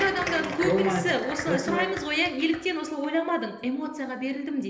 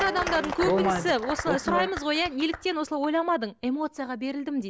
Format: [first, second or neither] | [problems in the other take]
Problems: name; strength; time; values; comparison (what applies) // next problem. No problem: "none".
second | room echo; dies away in 1.4 s